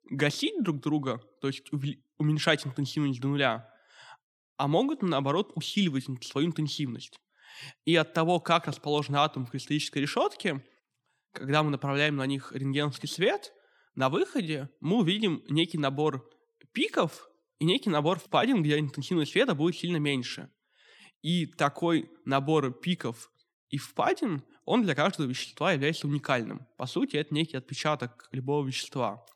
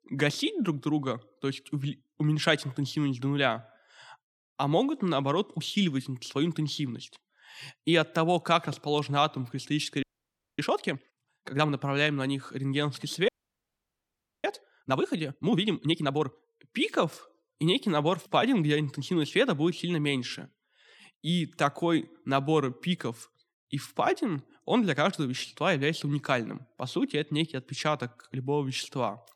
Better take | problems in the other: first | audio freezing; at 10 s for 0.5 s and at 13 s for 1 s

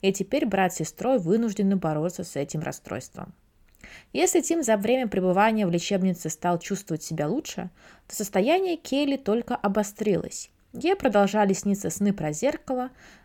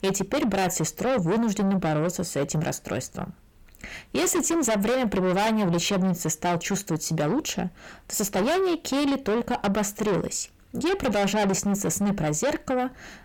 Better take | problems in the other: first | distortion; heavy; 6 dB below the speech

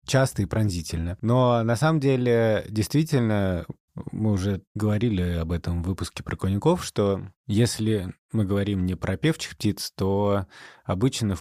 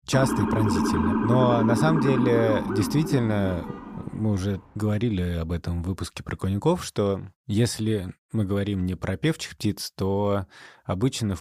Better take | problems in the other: first | siren; loud; until 4 s; peak 2 dB above the speech

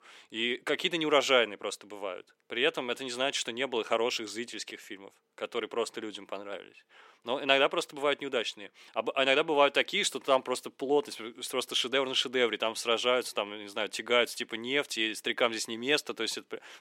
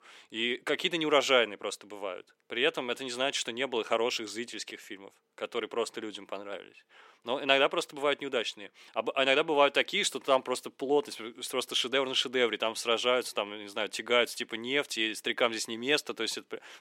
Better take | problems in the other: neither | thin; somewhat; fading below 300 Hz; the same in both

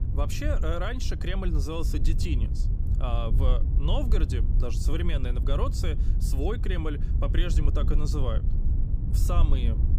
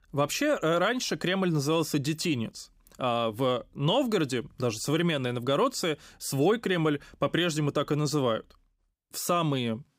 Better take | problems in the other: second | wind noise on the microphone; heavy; 8 dB below the speech

